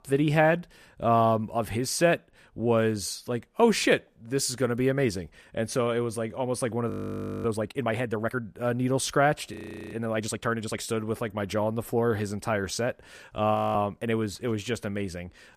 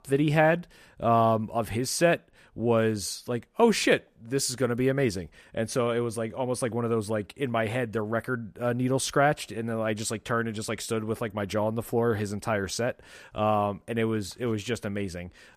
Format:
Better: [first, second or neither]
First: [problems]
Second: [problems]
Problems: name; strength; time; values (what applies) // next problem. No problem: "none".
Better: second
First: audio freezing; at 7 s for 0.5 s, at 9.5 s and at 14 s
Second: none